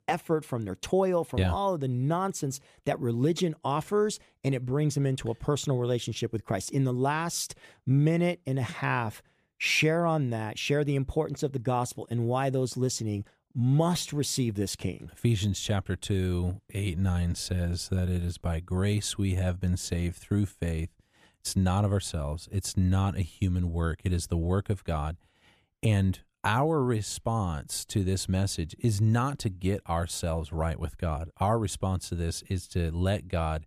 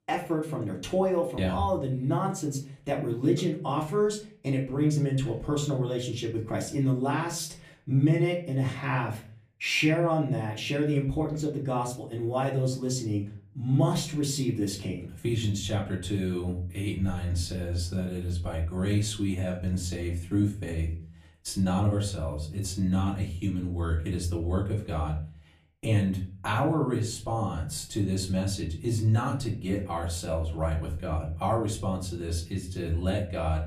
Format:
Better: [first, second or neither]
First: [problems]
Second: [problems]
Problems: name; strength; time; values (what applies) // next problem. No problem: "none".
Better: first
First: none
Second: off-mic speech; far // room echo; very slight; dies away in 0.4 s